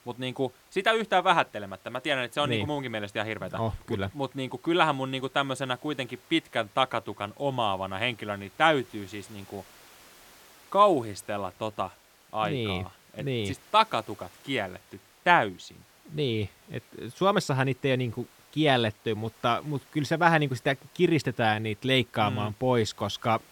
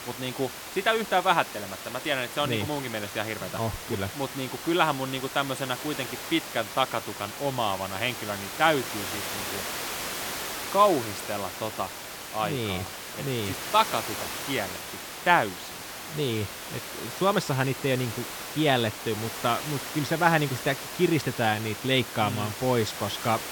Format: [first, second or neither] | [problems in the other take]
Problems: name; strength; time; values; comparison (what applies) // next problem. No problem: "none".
first | hiss; loud; throughout; 7 dB below the speech; faint in the first